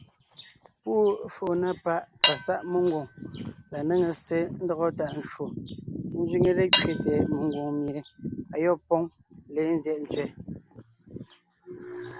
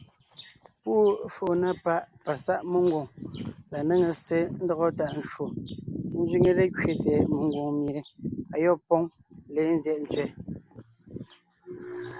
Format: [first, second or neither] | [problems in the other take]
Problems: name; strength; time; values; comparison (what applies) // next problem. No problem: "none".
second | background sound (Cutlery, silverware / Dishes, pots, and pans); 5 dB below the speech